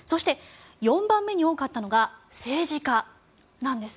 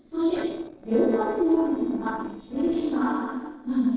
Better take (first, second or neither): first